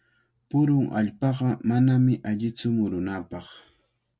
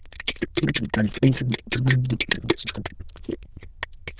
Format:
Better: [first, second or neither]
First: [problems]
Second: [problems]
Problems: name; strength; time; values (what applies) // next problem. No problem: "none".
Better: first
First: none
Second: noise reduction (neural diffusion model UNIVERSE++)